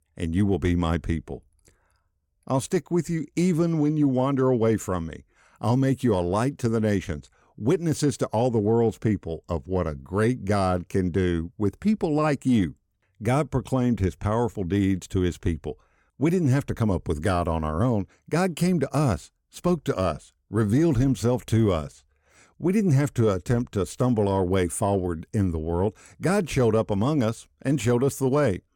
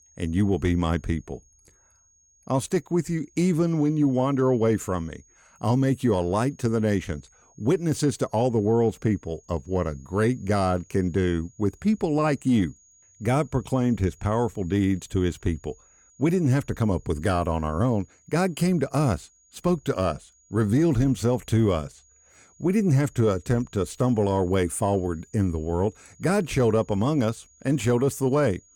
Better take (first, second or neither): first